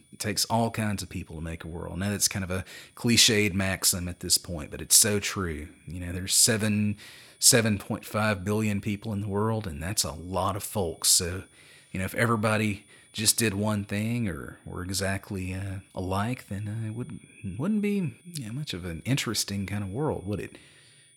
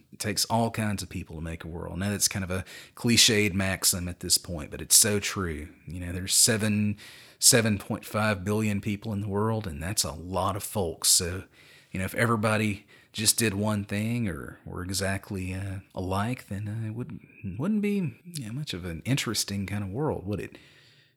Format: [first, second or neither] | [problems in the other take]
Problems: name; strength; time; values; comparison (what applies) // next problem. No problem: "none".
second | high-pitched whine; faint; throughout; 9.5 kHz, 35 dB below the speech